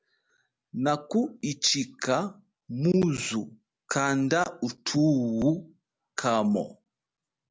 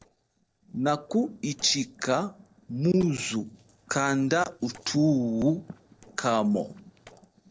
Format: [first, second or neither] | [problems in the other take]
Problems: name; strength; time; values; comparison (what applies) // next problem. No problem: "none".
first | noise reduction (neural separator model SepFormer DNS4)